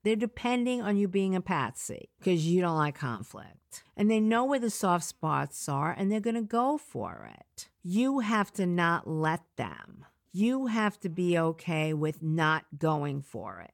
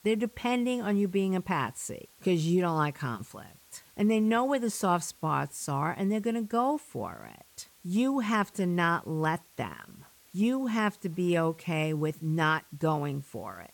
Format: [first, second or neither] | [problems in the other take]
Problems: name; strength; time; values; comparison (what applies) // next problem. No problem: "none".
first | hiss; faint; throughout; 25 dB below the speech